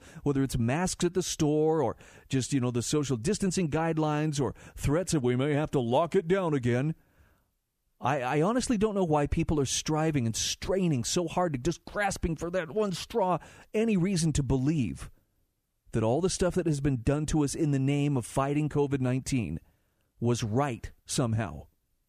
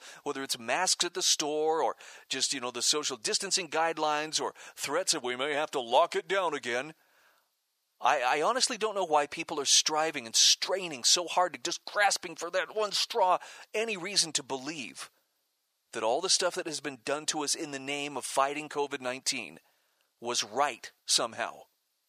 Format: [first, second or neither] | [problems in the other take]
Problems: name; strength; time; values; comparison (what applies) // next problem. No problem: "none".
first | thin; very; fading below 750 Hz